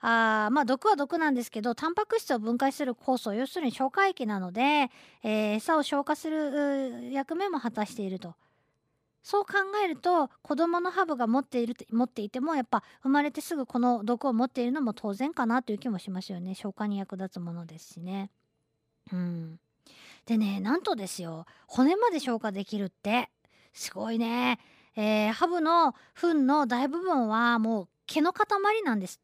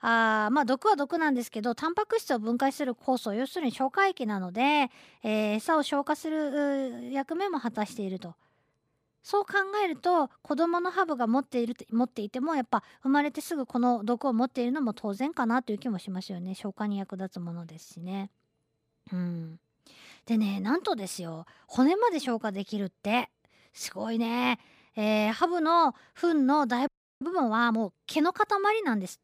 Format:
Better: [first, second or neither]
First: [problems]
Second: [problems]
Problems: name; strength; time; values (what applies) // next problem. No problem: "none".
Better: first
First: none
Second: audio freezing; at 27 s